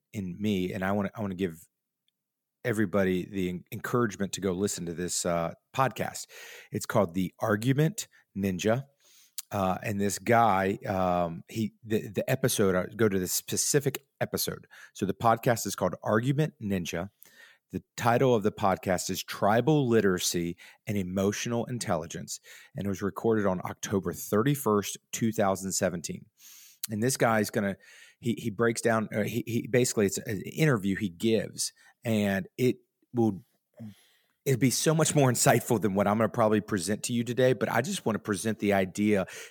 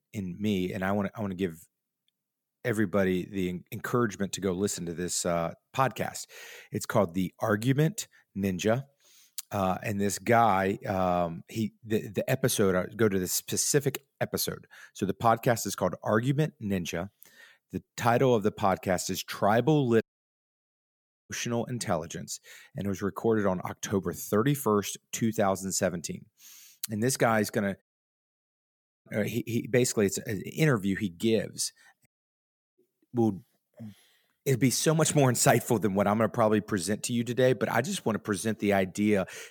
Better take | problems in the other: first | audio cutting out; at 20 s for 1.5 s, at 28 s for 1 s and at 32 s for 0.5 s

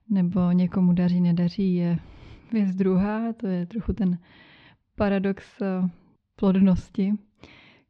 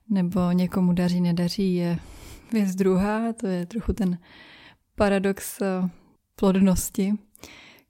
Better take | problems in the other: second | muffled; slightly; fading above 4 kHz

